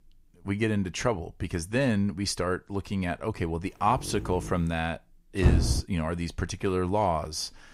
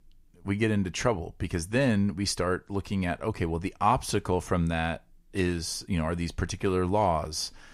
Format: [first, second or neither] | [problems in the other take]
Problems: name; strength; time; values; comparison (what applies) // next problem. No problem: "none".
second | dog barking; noticeable; at 3.5 s; peak 9 dB below the speech // door banging; loud; at 5.5 s; peak 5 dB above the speech